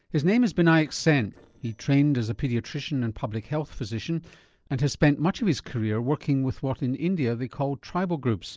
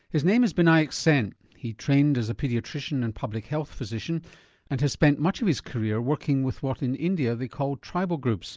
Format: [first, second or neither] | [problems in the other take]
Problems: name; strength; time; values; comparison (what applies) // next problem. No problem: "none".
second | noise reduction (neural separator model SepFormer DNS4)